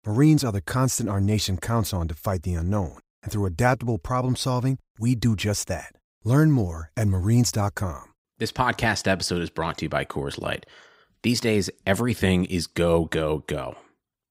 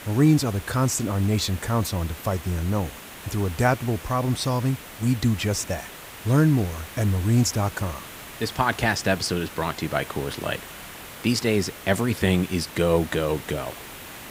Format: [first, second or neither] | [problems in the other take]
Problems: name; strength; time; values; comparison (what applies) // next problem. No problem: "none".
first | hiss; noticeable; throughout; 15 dB below the speech